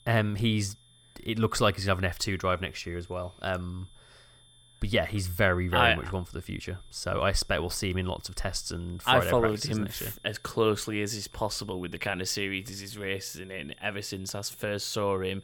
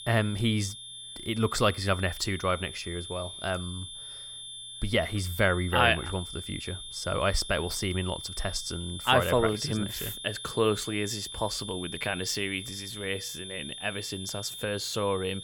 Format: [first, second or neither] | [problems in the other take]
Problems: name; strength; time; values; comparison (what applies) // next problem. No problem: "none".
first | high-pitched whine; loud; throughout; 3.5 kHz, 9 dB below the speech; faint in the first